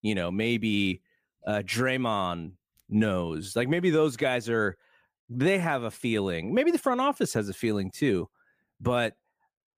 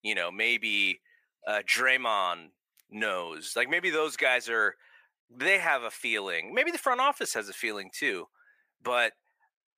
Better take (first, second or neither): first